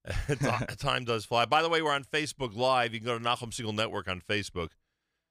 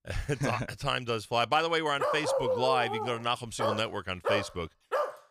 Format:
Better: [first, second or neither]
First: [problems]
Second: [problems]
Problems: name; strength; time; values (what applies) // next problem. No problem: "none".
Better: first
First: none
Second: dog barking; loud; from 2 s on; peak 1 dB above the speech